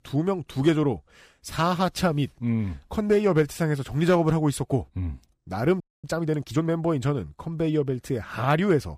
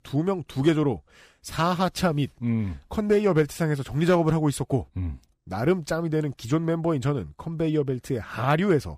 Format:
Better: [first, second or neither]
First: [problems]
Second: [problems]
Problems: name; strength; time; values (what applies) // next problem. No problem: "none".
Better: second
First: audio freezing; at 6 s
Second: none